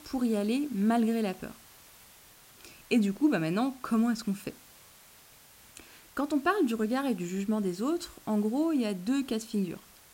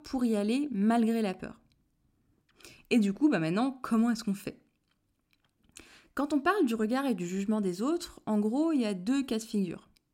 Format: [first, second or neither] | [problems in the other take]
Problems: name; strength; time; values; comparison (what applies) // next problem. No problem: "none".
second | hiss; faint; throughout; 25 dB below the speech